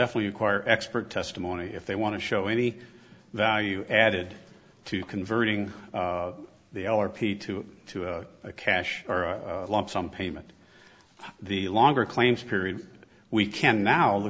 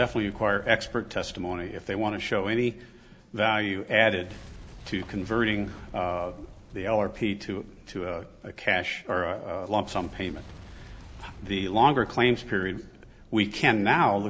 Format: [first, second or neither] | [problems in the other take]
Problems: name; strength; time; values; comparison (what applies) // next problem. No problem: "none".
first | background sound (Boom); 19 dB below the speech